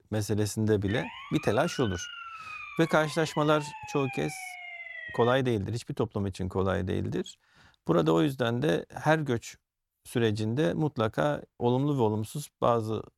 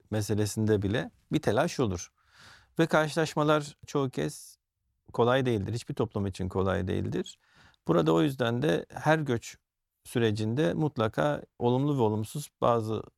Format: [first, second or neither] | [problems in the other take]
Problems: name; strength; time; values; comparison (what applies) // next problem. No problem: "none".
second | siren; noticeable; from 1 to 5.5 s; peak 10 dB below the speech